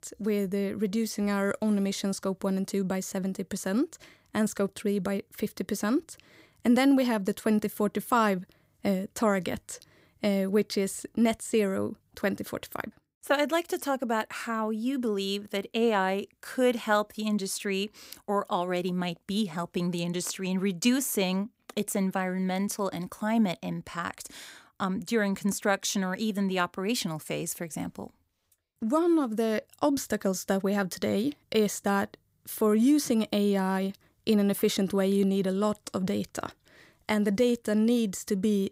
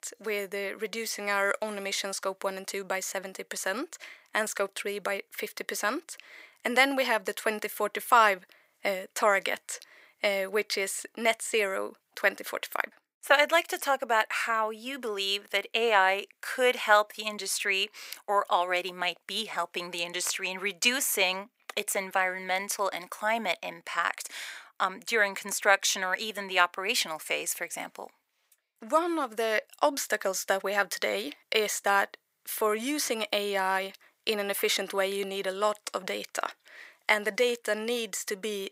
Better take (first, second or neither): first